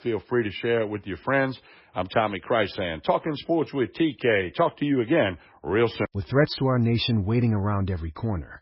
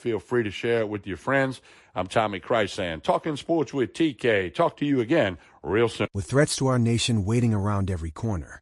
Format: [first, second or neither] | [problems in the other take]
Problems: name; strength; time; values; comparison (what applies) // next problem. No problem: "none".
second | garbled, watery; badly; nothing above 5.5 kHz; slightly in the second